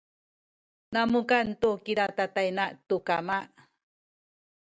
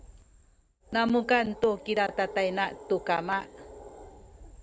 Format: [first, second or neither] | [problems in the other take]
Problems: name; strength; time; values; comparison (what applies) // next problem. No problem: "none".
first | background sound (Animal); 17 dB below the speech